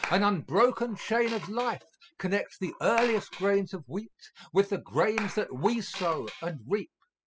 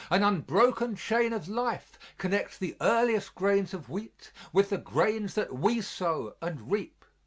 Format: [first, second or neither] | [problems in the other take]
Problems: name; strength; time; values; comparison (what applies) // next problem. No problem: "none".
second | noise reduction (classical method spectral subtraction)